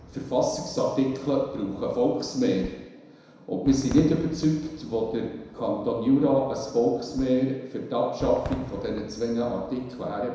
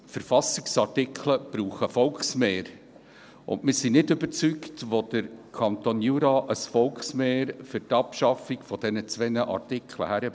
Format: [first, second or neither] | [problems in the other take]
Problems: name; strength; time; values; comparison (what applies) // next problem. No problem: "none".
second | background sound (Fireworks); 17 dB below the speech // room echo; dies away in 1 s